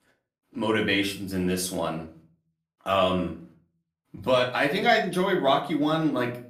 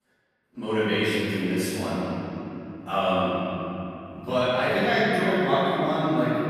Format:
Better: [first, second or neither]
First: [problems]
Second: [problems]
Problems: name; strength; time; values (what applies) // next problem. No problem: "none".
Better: first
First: room echo; slight; dies away in 0.4 s // off-mic speech; somewhat distant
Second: room echo; strong; dies away in 3 s // off-mic speech; far